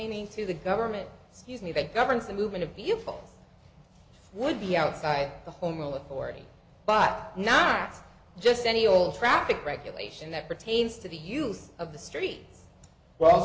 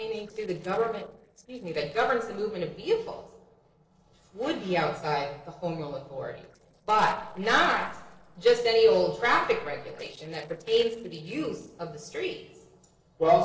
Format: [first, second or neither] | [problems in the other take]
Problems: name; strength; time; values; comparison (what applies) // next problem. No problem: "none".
first | noise reduction (neural separator model SepFormer DNS4)